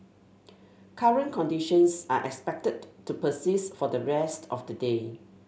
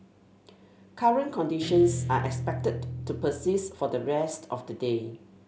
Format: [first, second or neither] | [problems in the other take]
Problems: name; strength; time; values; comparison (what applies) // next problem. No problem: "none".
first | background sound (Guitar); 7 dB below the speech